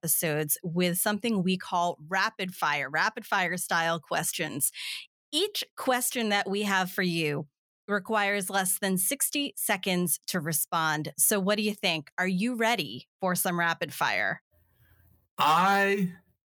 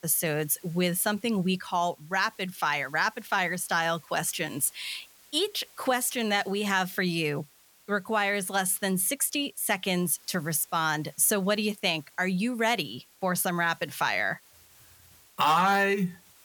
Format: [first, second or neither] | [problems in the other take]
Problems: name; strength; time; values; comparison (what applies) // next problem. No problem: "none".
first | hiss; faint; throughout; 25 dB below the speech